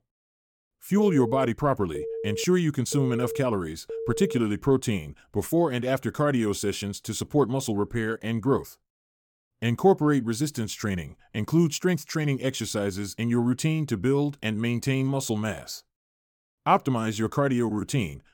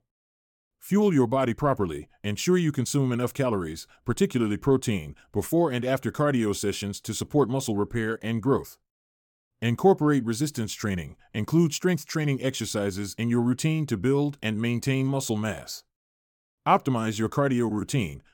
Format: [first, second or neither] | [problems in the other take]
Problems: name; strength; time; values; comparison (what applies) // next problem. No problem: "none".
second | phone ringing; noticeable; from 1 to 4.5 s; peak 7 dB below the speech